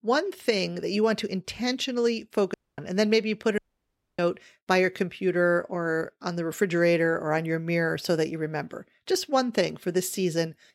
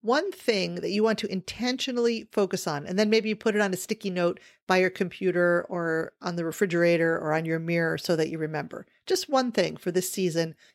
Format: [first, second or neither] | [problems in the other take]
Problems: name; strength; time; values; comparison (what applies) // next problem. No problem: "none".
second | audio cutting out; at 2.5 s and at 3.5 s for 0.5 s